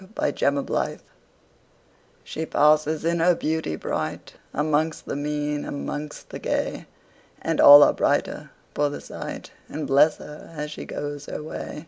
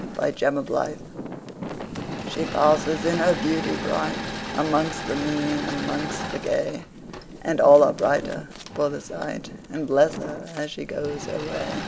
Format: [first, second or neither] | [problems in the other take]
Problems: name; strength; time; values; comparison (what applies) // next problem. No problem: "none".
first | background sound (Wind + Engine / Mechanisms); 9 dB below the speech